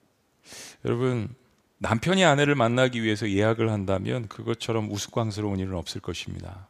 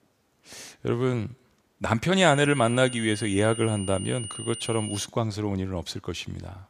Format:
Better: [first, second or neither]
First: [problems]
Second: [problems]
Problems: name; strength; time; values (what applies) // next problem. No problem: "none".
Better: first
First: none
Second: high-pitched whine; noticeable; from 2 to 5 s; 9 kHz, 10 dB below the speech